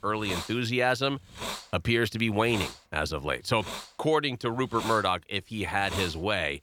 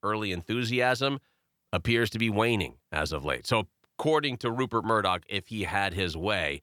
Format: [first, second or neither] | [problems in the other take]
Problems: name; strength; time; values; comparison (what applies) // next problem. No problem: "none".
second | hiss; noticeable; throughout; 10 dB below the speech